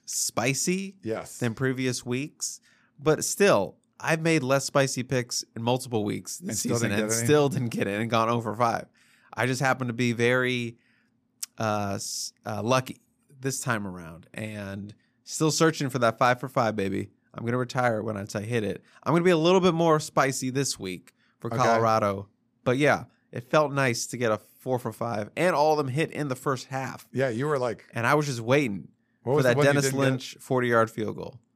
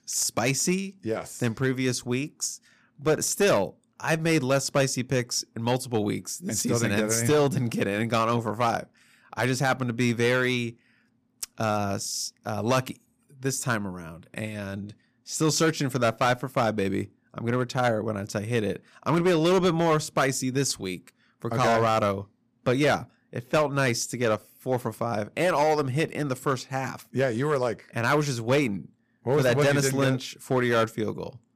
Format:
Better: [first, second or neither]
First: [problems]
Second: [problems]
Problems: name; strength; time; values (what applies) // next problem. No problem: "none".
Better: first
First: none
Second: distortion; slight; 5% of the sound clipped